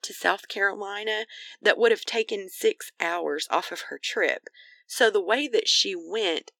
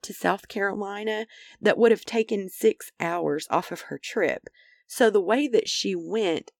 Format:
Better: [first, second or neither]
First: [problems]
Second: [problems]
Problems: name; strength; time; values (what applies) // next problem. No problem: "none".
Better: second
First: thin; somewhat; fading below 350 Hz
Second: none